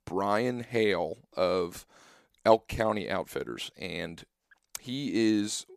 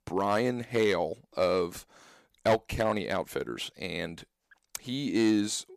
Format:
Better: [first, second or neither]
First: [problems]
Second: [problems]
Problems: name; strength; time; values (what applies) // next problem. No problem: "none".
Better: first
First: none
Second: distortion; slight; 1.4% of the sound clipped